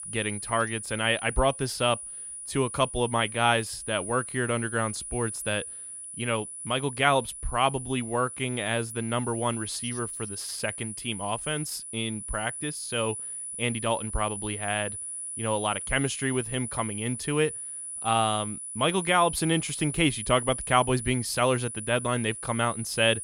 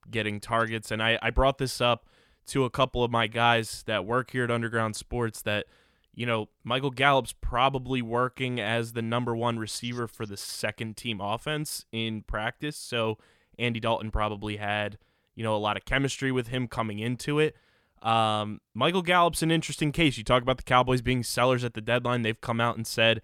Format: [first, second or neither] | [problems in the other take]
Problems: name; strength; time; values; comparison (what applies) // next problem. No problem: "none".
second | high-pitched whine; loud; throughout; 10 kHz, 7 dB below the speech